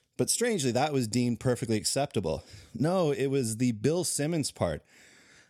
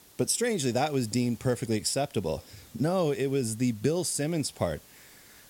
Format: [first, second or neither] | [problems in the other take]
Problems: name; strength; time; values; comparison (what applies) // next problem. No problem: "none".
first | hiss; faint; throughout; 25 dB below the speech